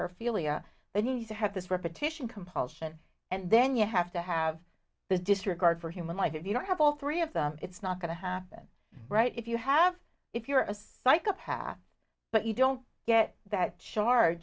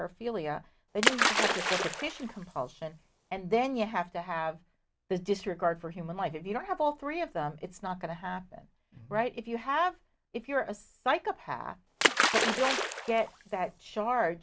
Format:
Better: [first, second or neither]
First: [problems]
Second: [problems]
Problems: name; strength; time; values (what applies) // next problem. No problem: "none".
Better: first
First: none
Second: background sound (Splash, splatter); 2 dB above the speech